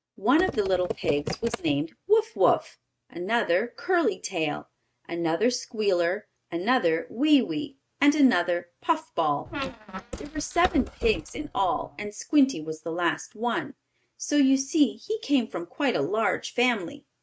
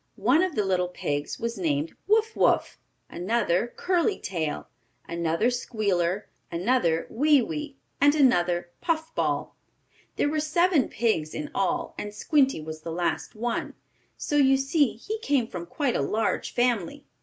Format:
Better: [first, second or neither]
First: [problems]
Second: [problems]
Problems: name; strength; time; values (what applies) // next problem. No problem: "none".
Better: second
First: noise reduction (neural mask model RNNoise)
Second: none